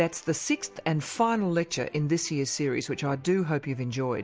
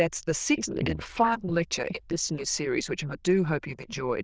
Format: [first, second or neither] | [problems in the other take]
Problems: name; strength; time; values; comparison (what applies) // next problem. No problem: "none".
first | noise reduction (neural diffusion model UNIVERSE++)